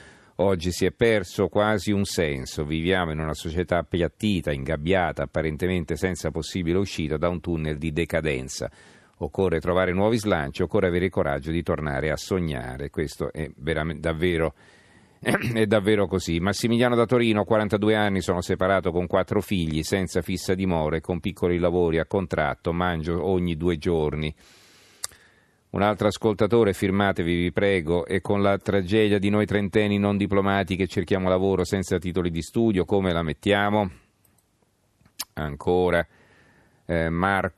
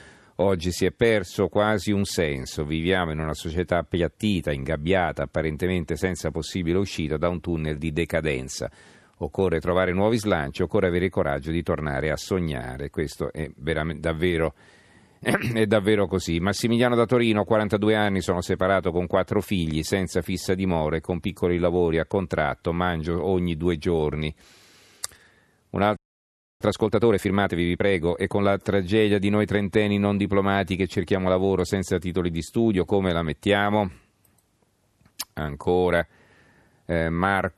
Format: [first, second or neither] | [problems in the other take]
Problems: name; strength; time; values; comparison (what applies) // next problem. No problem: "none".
first | audio freezing; at 26 s for 0.5 s